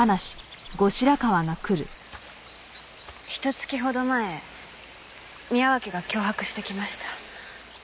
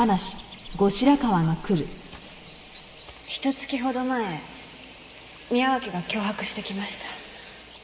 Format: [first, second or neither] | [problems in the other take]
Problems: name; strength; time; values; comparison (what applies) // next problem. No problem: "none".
first | room echo; dies away in 2.6 s